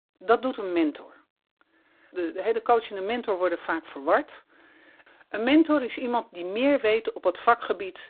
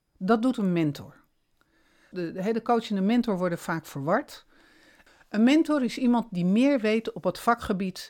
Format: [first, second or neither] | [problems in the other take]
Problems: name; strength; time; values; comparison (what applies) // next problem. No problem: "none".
second | phone-call audio; poor line